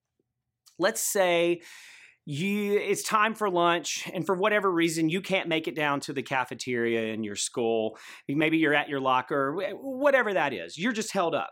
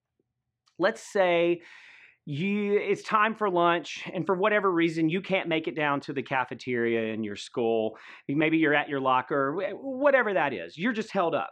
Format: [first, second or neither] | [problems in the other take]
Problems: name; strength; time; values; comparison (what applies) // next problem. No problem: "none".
first | muffled; slightly; fading above 3 kHz